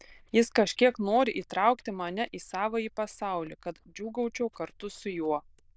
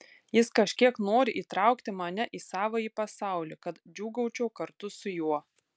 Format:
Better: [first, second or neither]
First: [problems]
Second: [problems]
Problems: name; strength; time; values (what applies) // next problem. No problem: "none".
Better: second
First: noise reduction (neural diffusion model UNIVERSE++)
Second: none